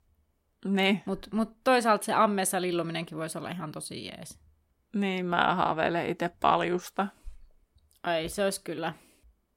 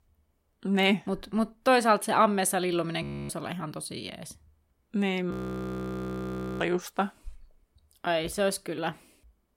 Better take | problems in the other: first | audio freezing; at 3 s and at 5.5 s for 1.5 s

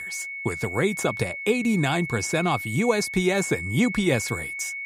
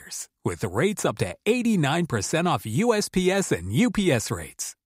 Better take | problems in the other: second | high-pitched whine; loud; throughout; 2 kHz, 7 dB below the speech

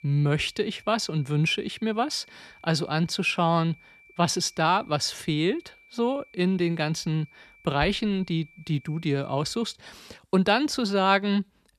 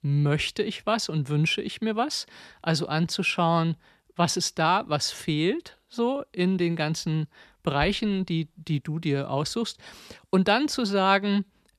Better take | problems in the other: second | high-pitched whine; faint; until 9.5 s; 2.5 kHz, 25 dB below the speech

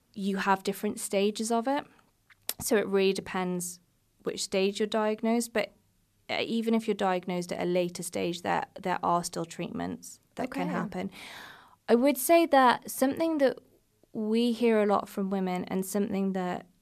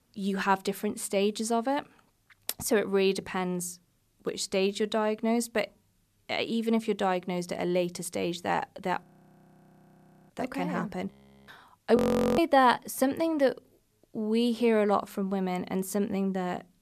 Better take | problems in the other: first | audio freezing; at 9 s for 1.5 s, at 11 s and at 12 s

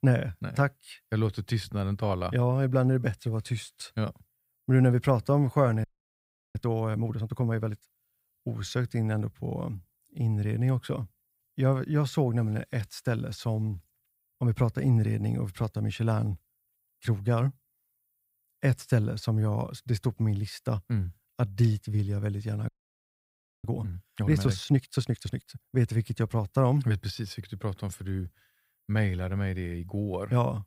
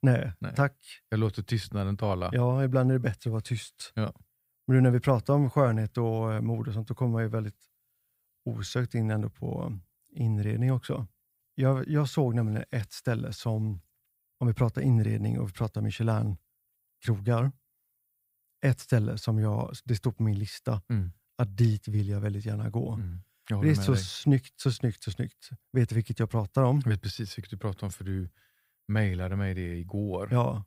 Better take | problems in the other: second | audio freezing; at 6 s for 0.5 s and at 23 s for 1 s

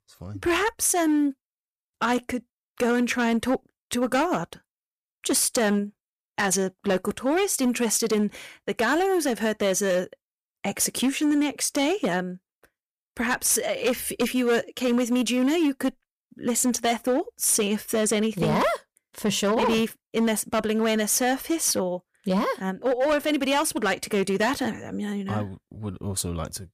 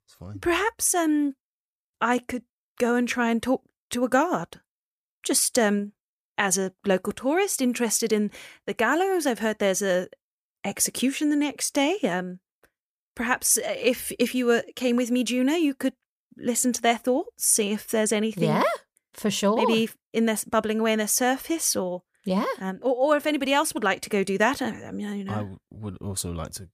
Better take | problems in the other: second | distortion; slight; 9% of the sound clipped

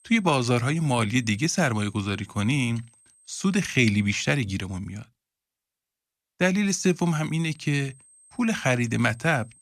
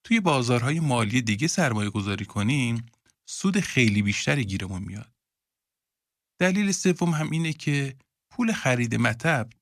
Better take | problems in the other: second | high-pitched whine; faint; until 4 s and from 6.5 s on; 8.5 kHz, 30 dB below the speech

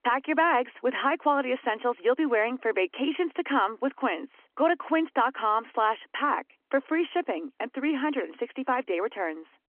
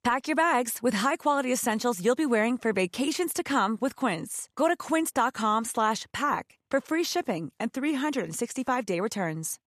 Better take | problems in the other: second | phone-call audio

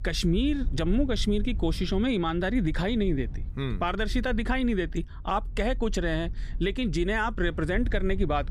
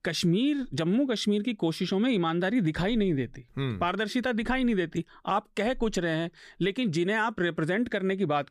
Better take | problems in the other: second | low rumble; faint; throughout; 25 dB below the speech

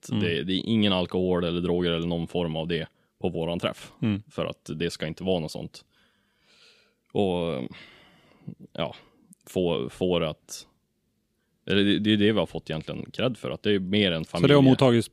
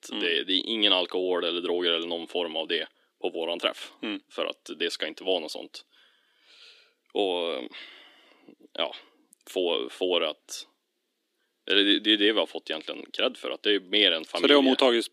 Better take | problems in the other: first | thin; somewhat; fading below 300 Hz

